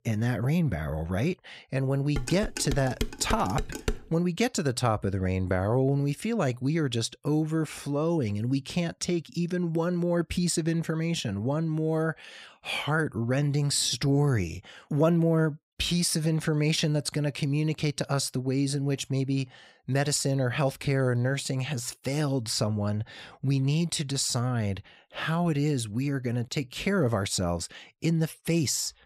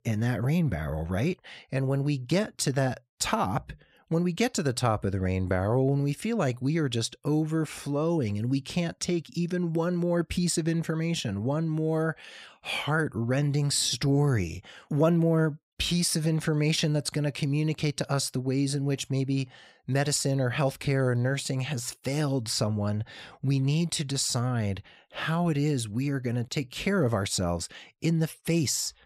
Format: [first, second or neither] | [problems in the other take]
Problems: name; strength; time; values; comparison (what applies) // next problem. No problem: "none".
second | clattering dishes; noticeable; from 2 to 4 s; peak 6 dB below the speech